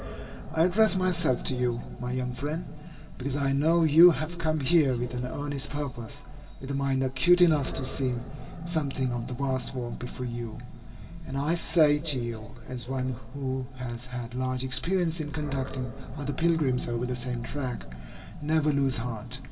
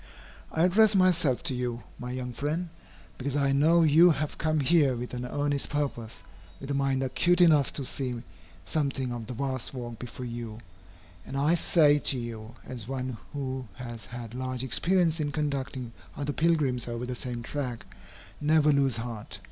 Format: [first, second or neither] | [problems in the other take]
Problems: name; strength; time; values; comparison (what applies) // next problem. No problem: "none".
second | background sound (Animal); 14 dB below the speech // room echo; dies away in 2.4 s